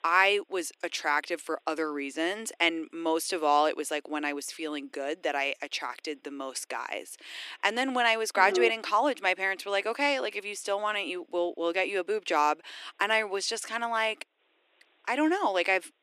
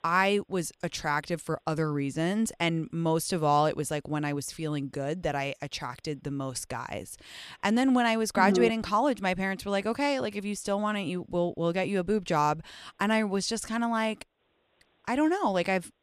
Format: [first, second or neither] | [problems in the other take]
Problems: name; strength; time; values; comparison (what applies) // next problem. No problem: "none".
second | thin; somewhat; fading below 300 Hz